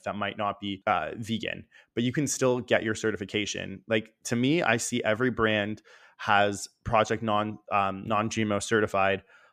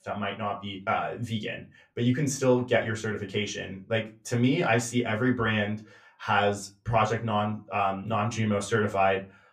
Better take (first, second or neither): first